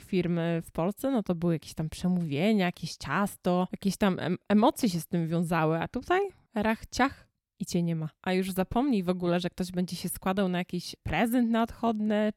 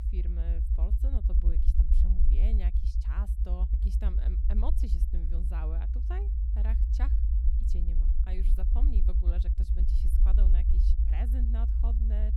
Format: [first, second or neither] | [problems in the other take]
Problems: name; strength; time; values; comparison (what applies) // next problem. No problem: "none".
first | low rumble; loud; throughout; as loud as the speech